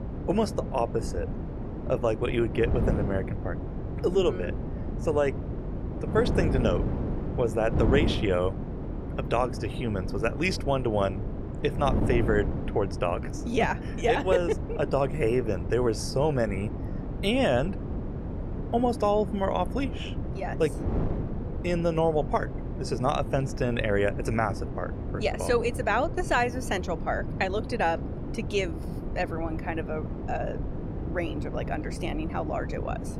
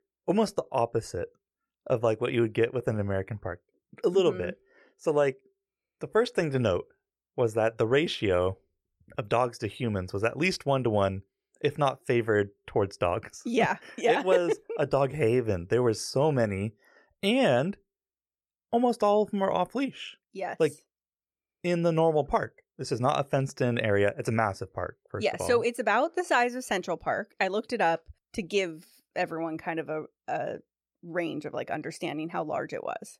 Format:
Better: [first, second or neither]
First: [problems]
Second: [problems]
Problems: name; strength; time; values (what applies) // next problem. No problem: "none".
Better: second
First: wind noise on the microphone; occasional gusts; 10 dB below the speech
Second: none